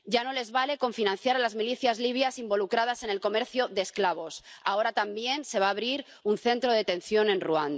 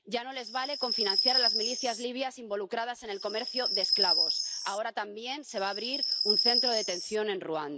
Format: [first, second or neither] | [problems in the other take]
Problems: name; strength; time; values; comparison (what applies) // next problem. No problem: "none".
first | background sound (Chirp, tweet); 4 dB above the speech